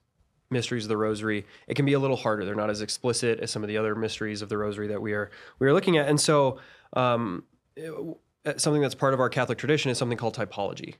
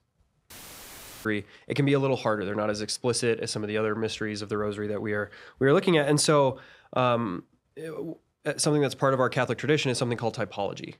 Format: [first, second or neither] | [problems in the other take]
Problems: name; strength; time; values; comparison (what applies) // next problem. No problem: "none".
first | audio cutting out; filled with static; at 0.5 s for 1 s